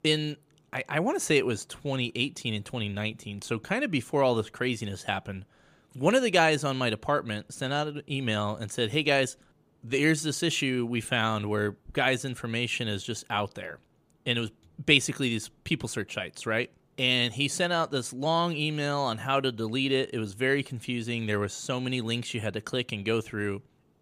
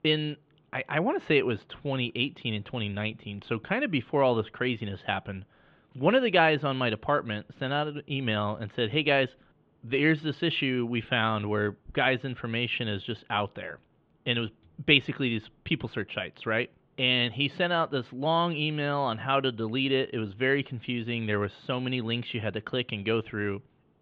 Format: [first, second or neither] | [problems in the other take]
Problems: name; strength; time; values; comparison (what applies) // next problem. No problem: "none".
first | muffled; very; fading above 3.5 kHz